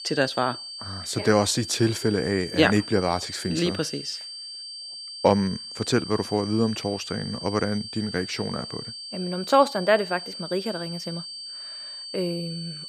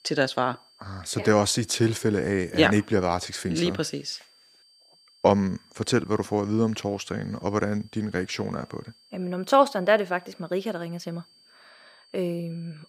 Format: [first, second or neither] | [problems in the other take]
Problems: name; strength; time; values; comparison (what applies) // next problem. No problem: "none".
second | high-pitched whine; loud; throughout; 4.5 kHz, 9 dB below the speech; faint in the second